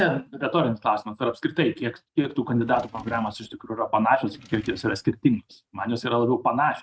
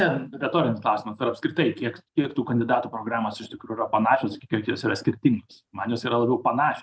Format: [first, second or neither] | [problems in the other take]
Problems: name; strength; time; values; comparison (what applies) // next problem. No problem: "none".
second | noise reduction (neural mask model RNNoise)